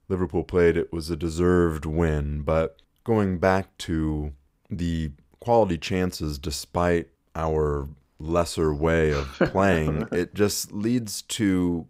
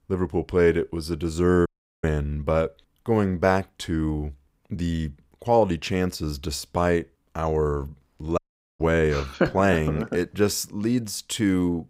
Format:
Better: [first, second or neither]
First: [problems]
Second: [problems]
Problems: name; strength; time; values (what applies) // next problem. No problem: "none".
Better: first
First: none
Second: audio cutting out; at 1.5 s and at 8.5 s